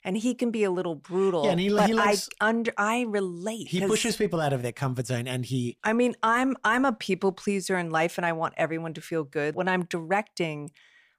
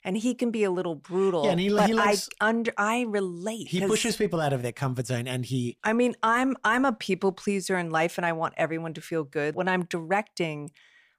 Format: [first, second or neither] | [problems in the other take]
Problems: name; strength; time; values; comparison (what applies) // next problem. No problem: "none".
neither | none